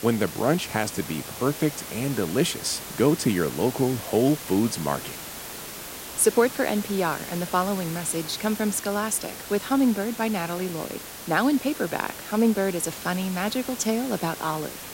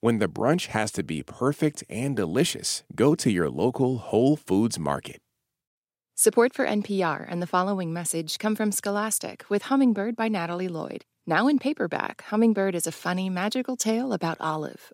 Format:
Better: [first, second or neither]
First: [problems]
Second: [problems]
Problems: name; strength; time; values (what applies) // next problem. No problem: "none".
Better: second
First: hiss; noticeable; throughout; 10 dB below the speech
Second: none